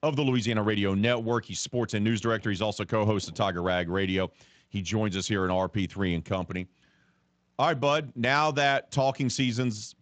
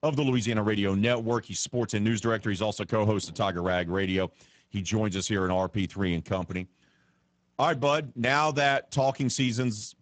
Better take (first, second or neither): first